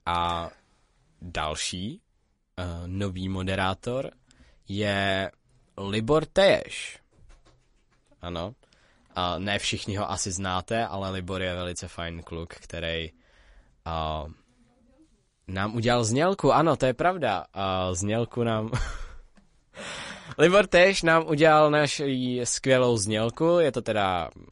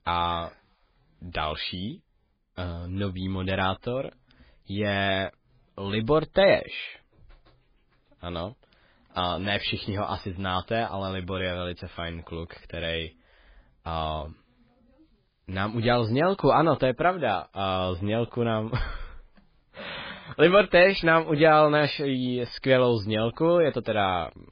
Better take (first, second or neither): first